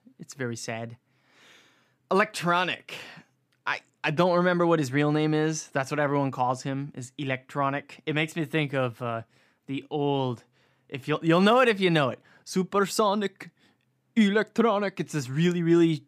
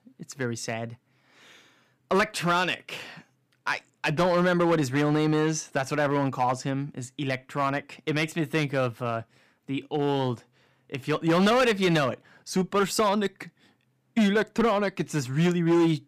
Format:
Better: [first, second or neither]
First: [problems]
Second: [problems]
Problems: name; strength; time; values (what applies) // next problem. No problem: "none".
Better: first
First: none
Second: distortion; slight; 6% of the sound clipped